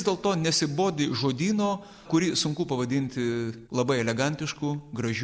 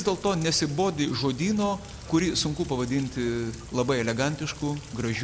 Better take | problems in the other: first | background sound (Rain); 15 dB below the speech

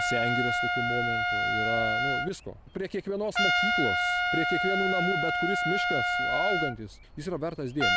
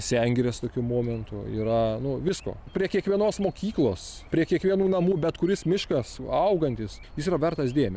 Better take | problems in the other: second | background sound (Trumpet); 4 dB above the speech

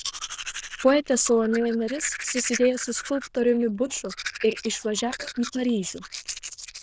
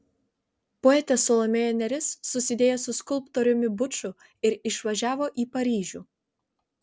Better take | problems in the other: second | noise reduction (neural diffusion model UNIVERSE++)

